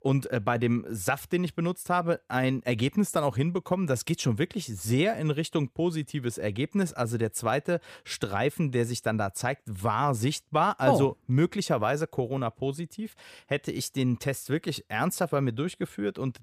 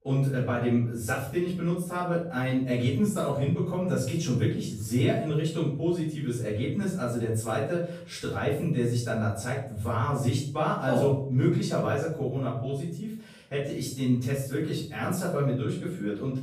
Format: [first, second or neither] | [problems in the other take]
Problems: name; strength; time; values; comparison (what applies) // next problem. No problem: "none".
first | off-mic speech; far // room echo; noticeable; dies away in 0.6 s